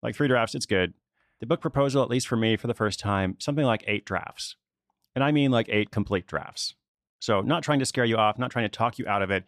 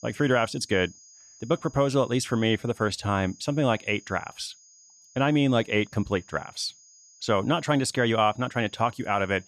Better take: first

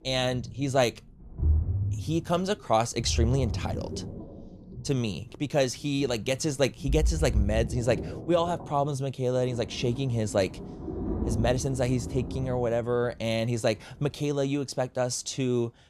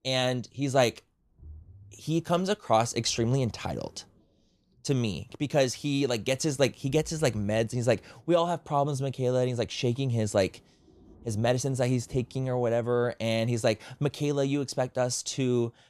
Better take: second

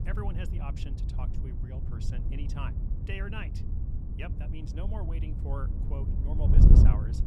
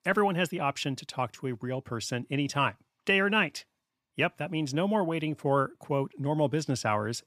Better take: second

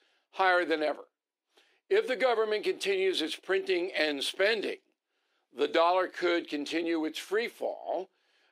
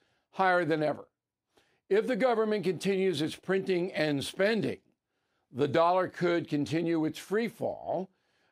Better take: second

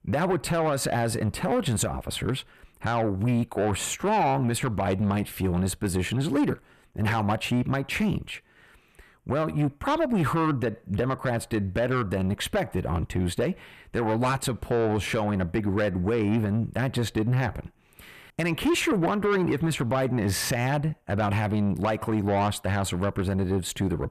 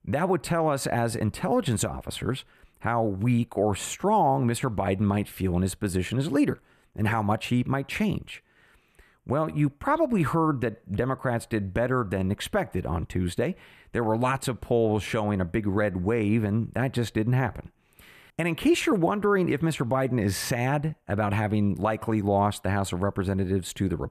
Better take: second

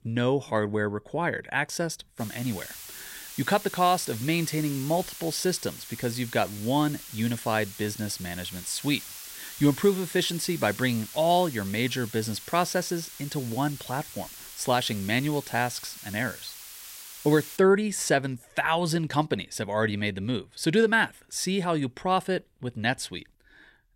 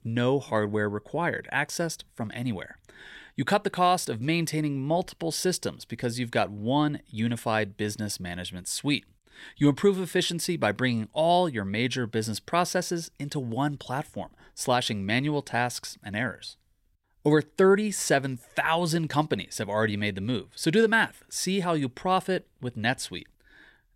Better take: second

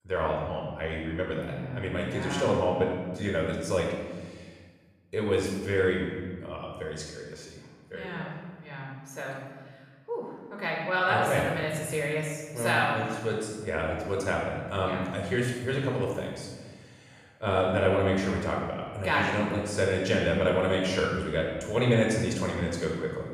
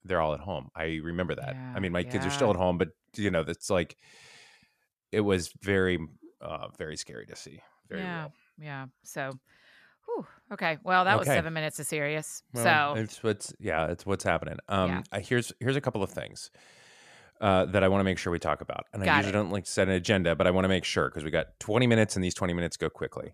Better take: second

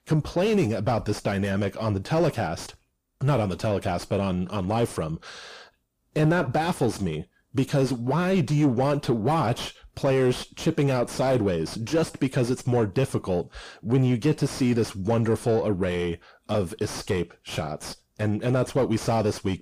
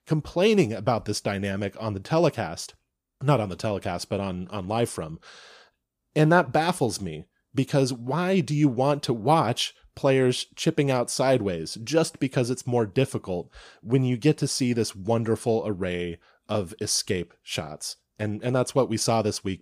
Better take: second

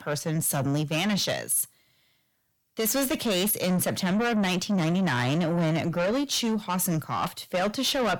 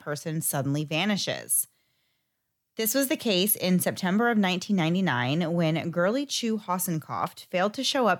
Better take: second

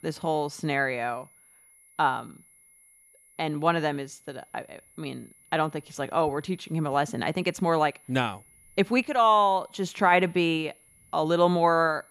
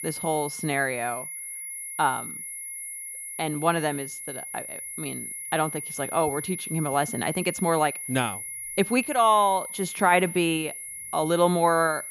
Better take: first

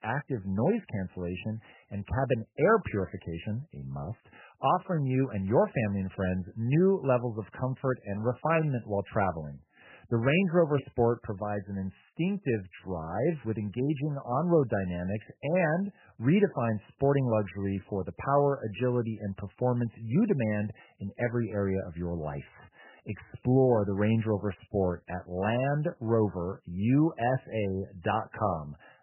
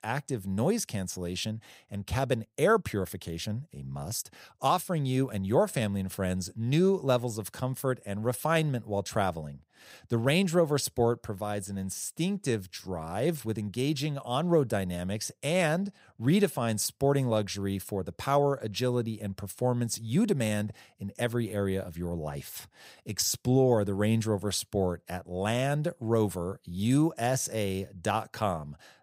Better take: second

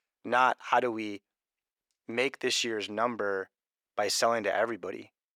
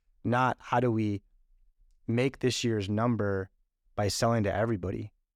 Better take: second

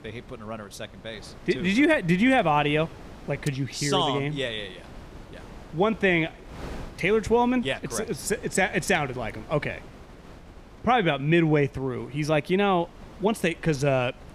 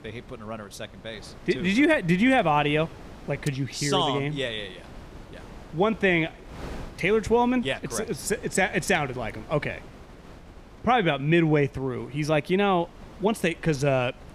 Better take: neither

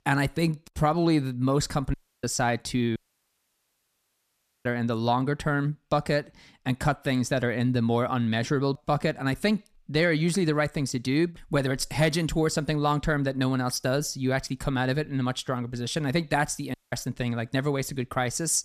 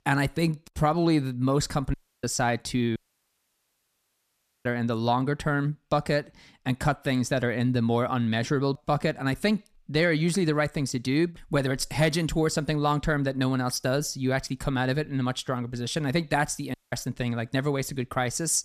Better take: neither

